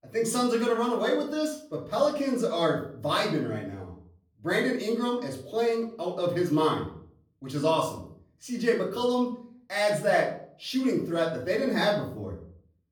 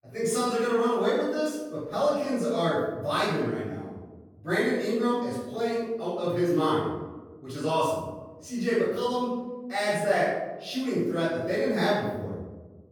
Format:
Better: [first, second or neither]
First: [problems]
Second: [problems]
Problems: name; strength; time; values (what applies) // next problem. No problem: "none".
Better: first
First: room echo; slight; dies away in 0.5 s // off-mic speech; far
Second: room echo; strong; dies away in 1.1 s // off-mic speech; far